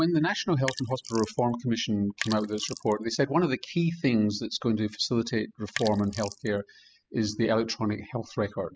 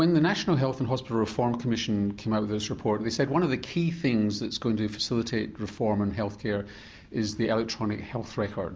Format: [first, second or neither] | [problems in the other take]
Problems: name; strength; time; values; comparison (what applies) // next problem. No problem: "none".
second | noise reduction (classical method spectral subtraction)